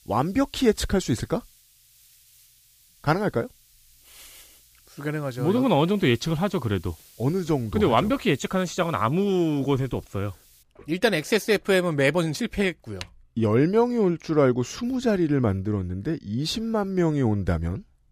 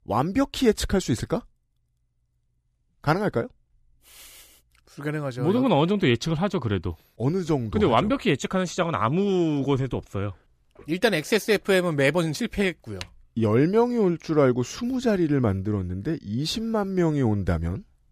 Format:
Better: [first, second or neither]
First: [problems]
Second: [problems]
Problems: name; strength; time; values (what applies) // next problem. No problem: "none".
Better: second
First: hiss; faint; until 11 s; 30 dB below the speech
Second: none